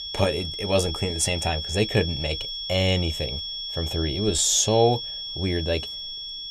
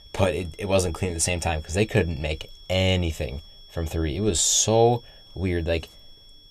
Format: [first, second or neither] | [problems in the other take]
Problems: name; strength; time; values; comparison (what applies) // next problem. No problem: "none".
second | high-pitched whine; loud; throughout; 3.5 kHz, 5 dB below the speech; faint in the second